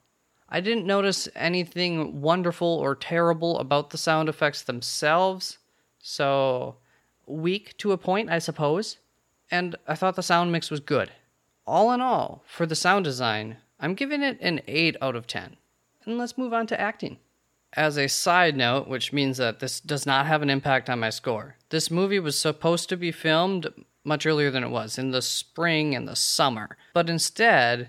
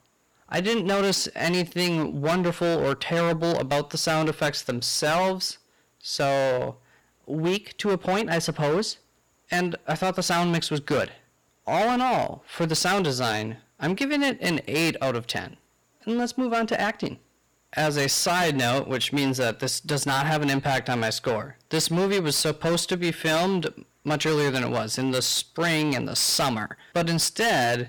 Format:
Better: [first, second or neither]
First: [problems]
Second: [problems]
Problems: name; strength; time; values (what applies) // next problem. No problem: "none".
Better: first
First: none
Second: distortion; heavy; 17% of the sound clipped